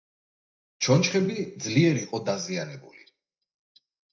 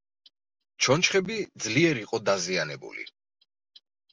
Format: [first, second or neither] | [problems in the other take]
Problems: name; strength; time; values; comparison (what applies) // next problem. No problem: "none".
second | noise reduction (neural mask model DeepFilterNet 3)